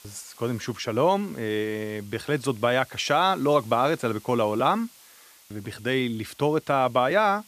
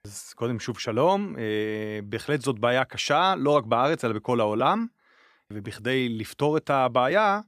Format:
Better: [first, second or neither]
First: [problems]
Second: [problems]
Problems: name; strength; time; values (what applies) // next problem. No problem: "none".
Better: second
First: hiss; faint; throughout; 25 dB below the speech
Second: none